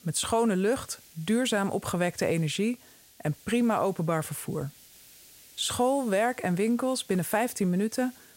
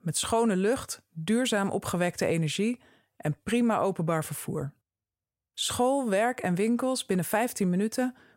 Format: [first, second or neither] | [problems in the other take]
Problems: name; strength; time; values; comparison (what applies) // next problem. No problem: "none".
second | hiss; faint; throughout; 25 dB below the speech